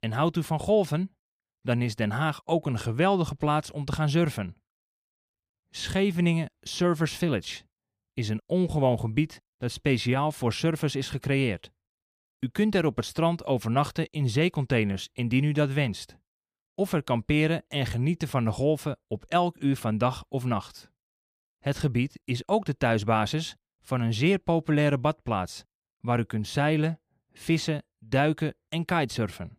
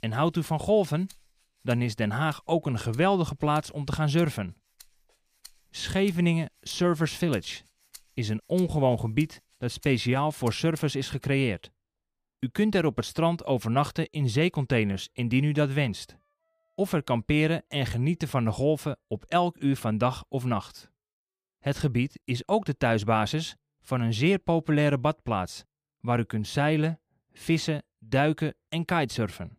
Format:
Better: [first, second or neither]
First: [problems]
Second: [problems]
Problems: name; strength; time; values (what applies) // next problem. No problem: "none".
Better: first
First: none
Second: background music; faint; throughout; 25 dB below the speech